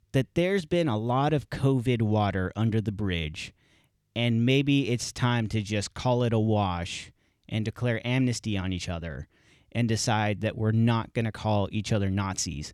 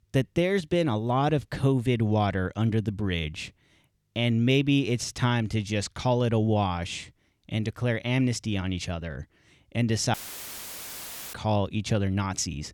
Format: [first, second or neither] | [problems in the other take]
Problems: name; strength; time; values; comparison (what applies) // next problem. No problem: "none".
first | audio cutting out; filled with static; at 10 s for 1 s